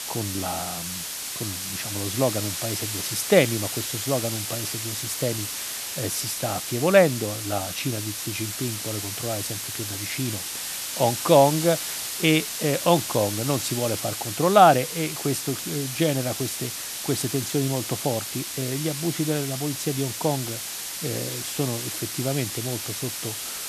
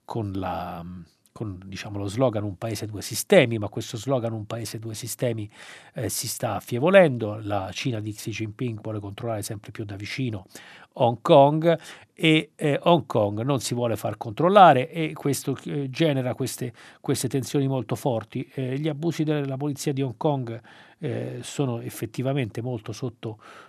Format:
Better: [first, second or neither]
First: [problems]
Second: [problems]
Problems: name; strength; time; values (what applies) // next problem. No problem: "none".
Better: second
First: hiss; loud; throughout; 4 dB below the speech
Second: none